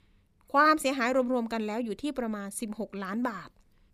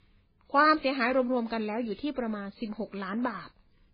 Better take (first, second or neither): first